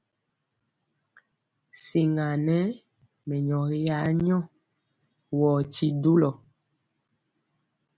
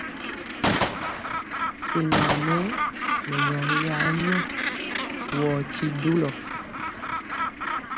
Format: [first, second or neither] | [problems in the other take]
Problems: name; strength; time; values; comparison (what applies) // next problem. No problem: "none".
first | background sound (Gunshot, gunfire + Gull, seagull); 2 dB above the speech